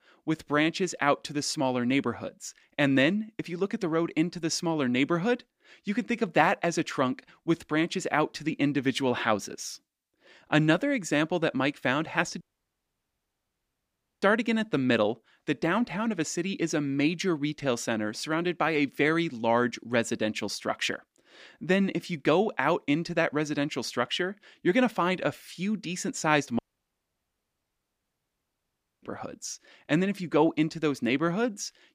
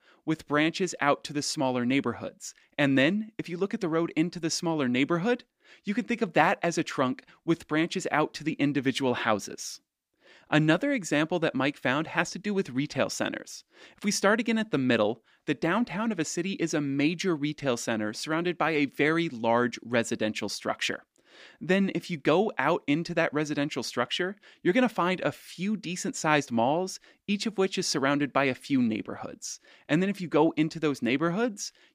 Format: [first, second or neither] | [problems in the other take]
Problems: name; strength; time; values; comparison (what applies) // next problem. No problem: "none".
second | audio cutting out; at 12 s for 2 s and at 27 s for 2.5 s